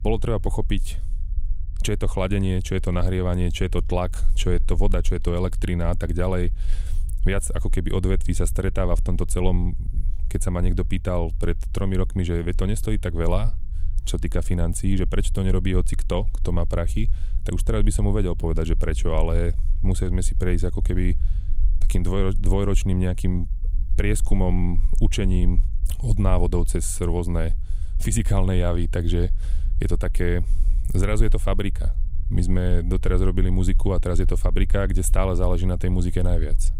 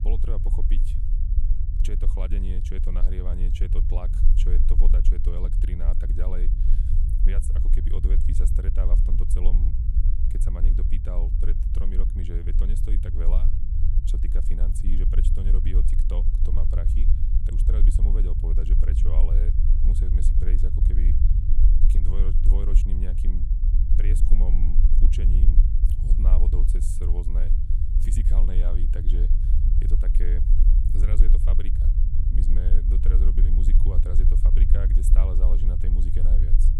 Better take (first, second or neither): first